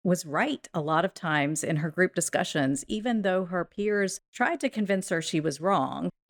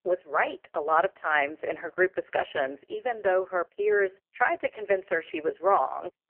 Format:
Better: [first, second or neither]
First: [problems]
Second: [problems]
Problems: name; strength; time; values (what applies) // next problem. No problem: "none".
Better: first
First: none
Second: phone-call audio; poor line; nothing above 3 kHz